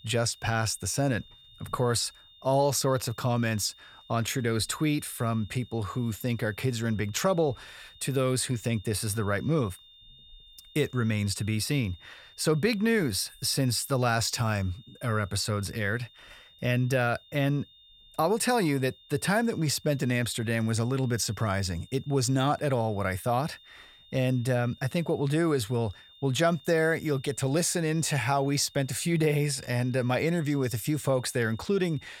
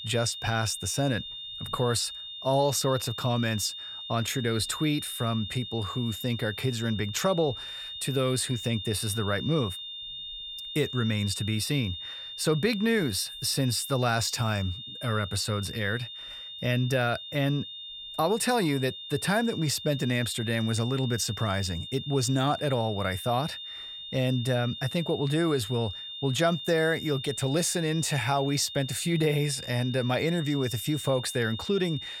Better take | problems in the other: first | high-pitched whine; loud; throughout; 3.5 kHz, 9 dB below the speech; faint in the first

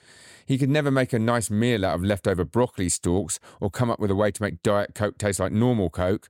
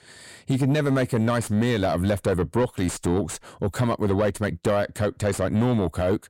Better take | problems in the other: first | distortion; slight; 10 dB below the speech

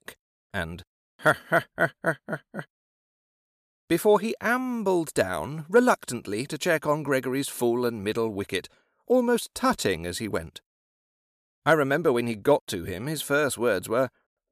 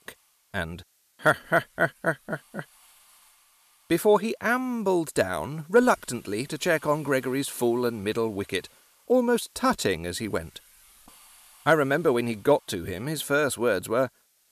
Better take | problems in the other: first | hiss; faint; throughout; 30 dB below the speech

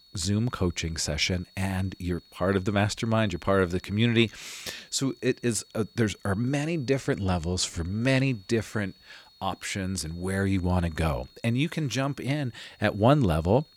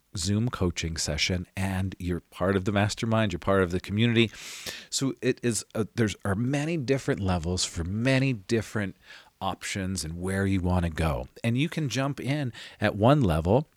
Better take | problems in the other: second | high-pitched whine; faint; throughout; 4.5 kHz, 30 dB below the speech

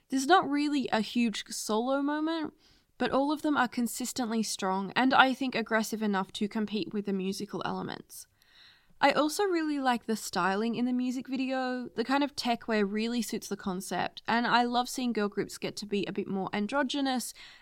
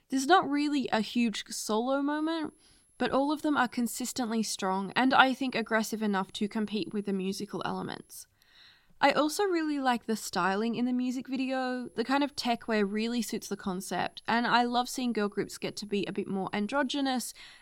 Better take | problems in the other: first | high-pitched whine; faint; from 2 to 8 s and from 11 s on; 11 kHz, 35 dB below the speech

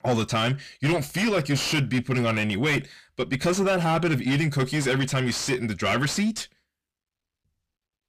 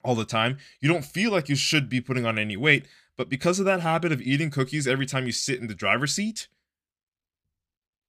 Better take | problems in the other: second | distortion; heavy; 6 dB below the speech

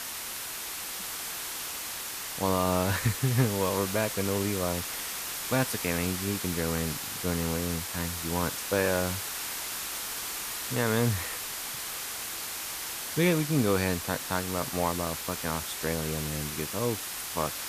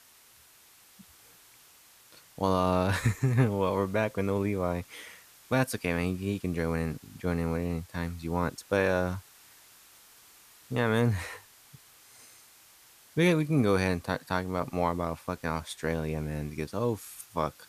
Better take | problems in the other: second | hiss; loud; throughout; 3 dB below the speech; faint in the second

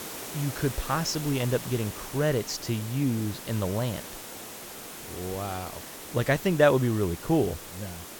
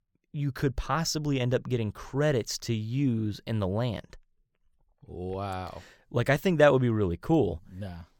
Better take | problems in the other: second | hiss; noticeable; throughout; 10 dB below the speech

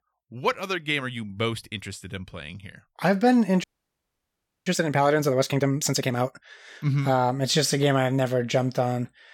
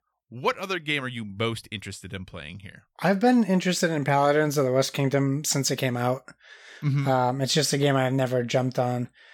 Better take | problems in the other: second | audio freezing; at 3.5 s for 1 s

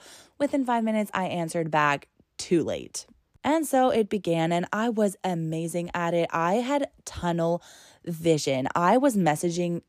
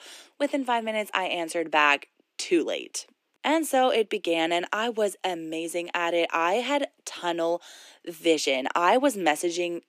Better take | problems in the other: first | thin; very slightly; fading below 300 Hz

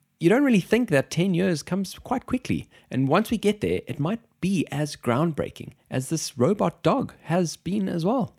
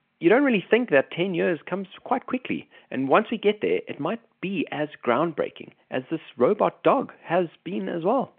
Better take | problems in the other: first | phone-call audio

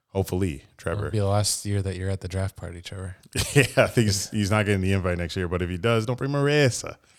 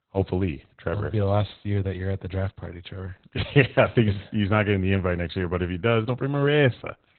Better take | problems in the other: first | garbled, watery; badly; nothing above 4 kHz

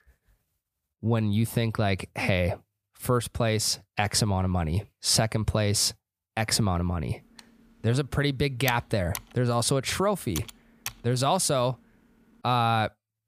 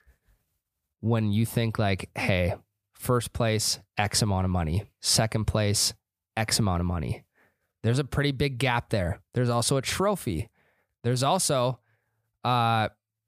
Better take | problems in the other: second | keyboard typing; noticeable; from 7.5 to 11 s; peak 9 dB below the speech

